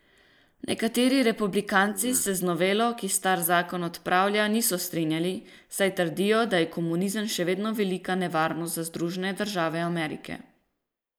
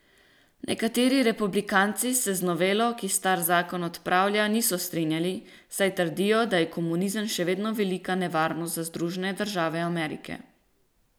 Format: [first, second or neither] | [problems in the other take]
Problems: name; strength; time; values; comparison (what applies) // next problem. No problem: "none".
second | noise reduction (neural mask model Resemble Enhance denoiser)